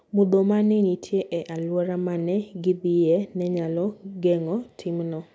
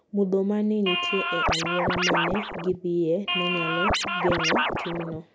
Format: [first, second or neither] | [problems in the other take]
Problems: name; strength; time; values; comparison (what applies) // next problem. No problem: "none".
first | background sound (Scratching (performance technique)); 1 dB above the speech